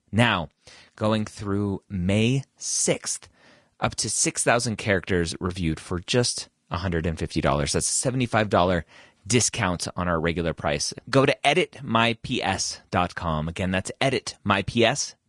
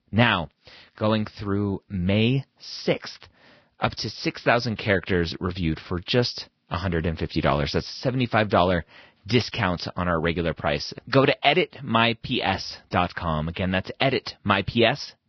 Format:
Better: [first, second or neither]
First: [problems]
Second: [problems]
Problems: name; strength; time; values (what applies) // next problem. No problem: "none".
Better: first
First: garbled, watery; slightly; nothing above 10 kHz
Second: garbled, watery; badly; nothing above 5.5 kHz